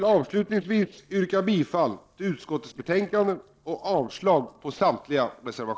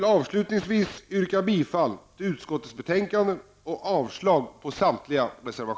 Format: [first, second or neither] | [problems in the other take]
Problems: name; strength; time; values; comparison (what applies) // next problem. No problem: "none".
second | noise reduction (neural separator model SepFormer DNS4)